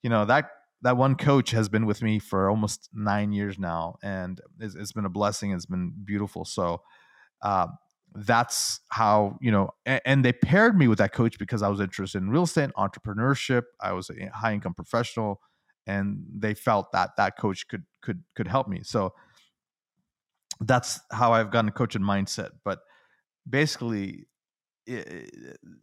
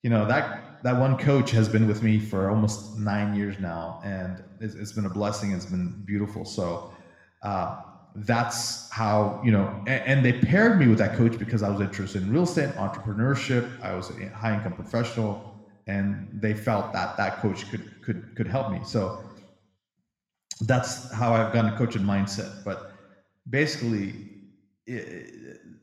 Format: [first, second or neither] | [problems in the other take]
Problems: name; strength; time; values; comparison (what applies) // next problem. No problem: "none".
first | room echo; slight; dies away in 0.9 s